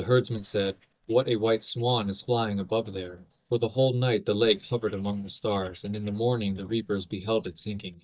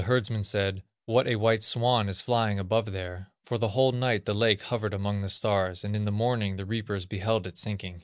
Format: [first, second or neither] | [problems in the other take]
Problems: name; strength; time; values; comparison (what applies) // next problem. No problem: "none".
second | noise reduction (neural mask model DeepFilterNet 3)